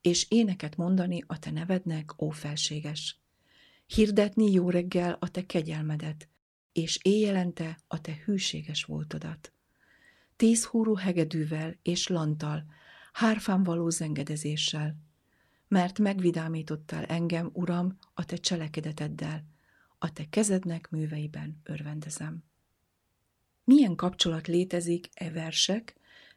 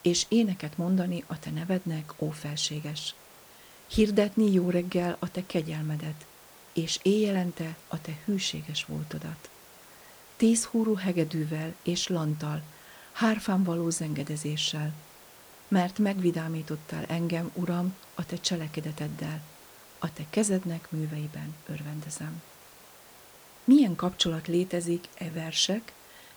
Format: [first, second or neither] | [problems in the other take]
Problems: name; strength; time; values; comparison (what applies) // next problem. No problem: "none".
first | hiss; faint; throughout; 20 dB below the speech